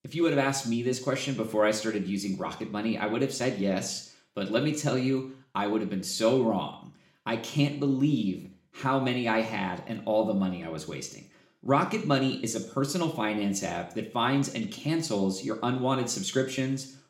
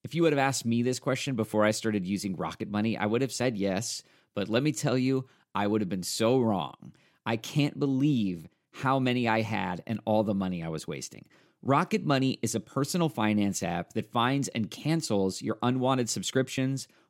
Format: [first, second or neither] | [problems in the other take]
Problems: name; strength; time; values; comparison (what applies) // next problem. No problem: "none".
second | room echo; slight; dies away in 0.5 s